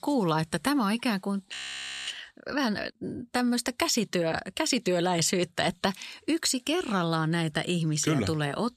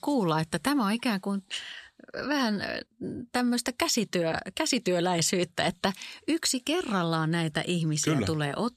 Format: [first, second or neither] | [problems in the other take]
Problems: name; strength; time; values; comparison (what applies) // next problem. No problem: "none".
second | audio freezing; at 1.5 s for 0.5 s